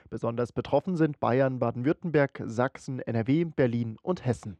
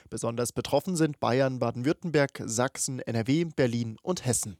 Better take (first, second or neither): second